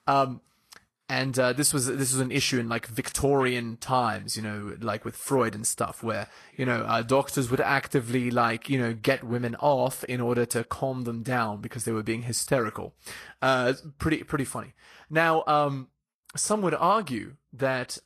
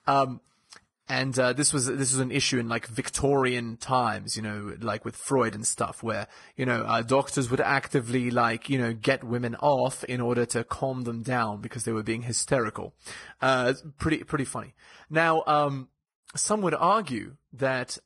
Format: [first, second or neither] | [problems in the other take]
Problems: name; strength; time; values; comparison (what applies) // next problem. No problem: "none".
first | garbled, watery; badly; slightly in the first